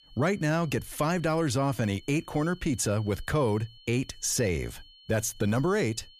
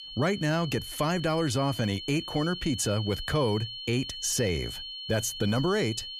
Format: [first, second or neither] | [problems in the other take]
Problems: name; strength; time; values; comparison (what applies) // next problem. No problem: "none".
first | high-pitched whine; loud; throughout; 3 kHz, 9 dB below the speech; faint in the first